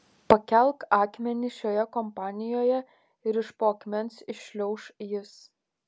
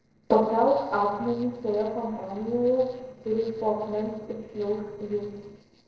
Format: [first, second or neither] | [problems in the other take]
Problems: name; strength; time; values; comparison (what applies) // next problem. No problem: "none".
first | noise reduction (neural separator model SepFormer DNS4)